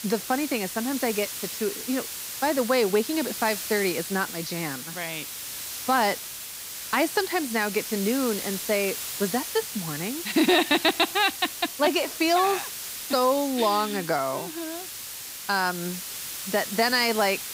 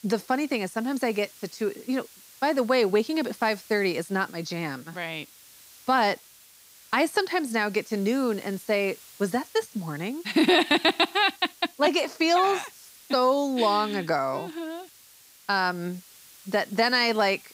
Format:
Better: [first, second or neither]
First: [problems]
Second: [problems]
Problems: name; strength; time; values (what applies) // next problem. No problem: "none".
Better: second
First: hiss; loud; throughout; 7 dB below the speech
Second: hiss; faint; throughout; 25 dB below the speech